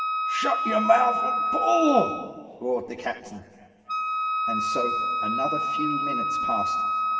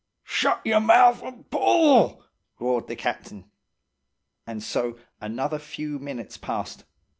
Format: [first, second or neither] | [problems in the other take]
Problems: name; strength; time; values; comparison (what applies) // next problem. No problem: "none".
second | background sound (Wind instrument, woodwind instrument); 1 dB above the speech // room echo; dies away in 2.4 s